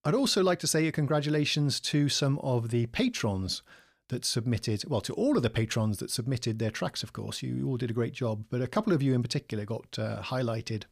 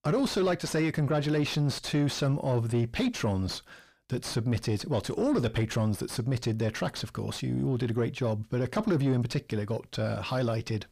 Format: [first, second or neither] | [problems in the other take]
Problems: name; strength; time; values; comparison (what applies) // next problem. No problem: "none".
first | distortion; slight; 10 dB below the speech